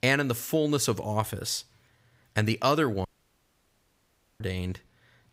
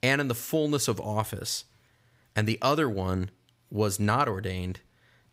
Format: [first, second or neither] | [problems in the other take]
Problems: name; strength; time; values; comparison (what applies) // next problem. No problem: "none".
second | audio cutting out; at 3 s for 1.5 s